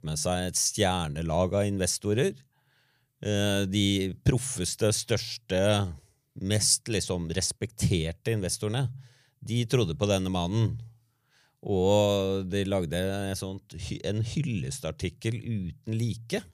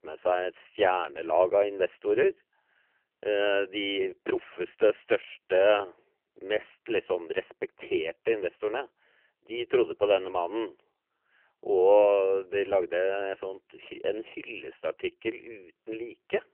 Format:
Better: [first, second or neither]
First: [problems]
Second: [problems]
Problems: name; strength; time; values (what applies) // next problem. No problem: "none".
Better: first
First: none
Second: phone-call audio; poor line; nothing above 3 kHz